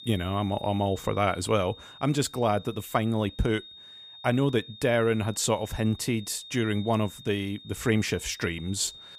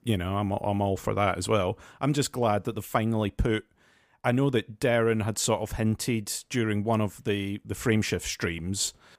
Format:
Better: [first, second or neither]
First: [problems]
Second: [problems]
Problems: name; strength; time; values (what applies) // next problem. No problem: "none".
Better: second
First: high-pitched whine; noticeable; throughout; 3.5 kHz, 15 dB below the speech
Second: none